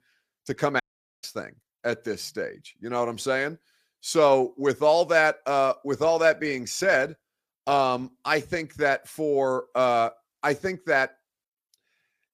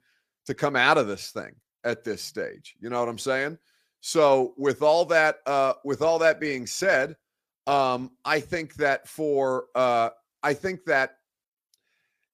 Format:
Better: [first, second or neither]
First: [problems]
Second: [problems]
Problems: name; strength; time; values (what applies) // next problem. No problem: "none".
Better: second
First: audio cutting out; at 1 s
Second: none